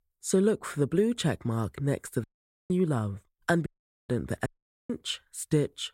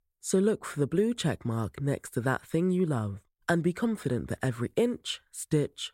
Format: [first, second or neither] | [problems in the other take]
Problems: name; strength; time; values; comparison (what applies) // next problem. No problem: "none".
second | audio cutting out; at 2 s, at 3.5 s and at 4.5 s